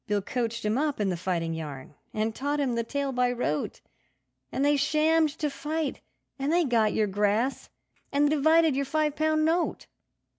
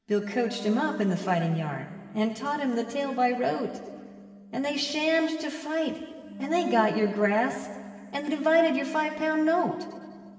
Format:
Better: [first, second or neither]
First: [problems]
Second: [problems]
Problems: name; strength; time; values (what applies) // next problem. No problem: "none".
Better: first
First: none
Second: background sound (Wind instrument, woodwind instrument); 16 dB below the speech // room echo; dies away in 2.1 s